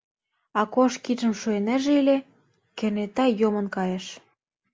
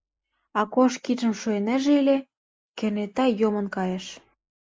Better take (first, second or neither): first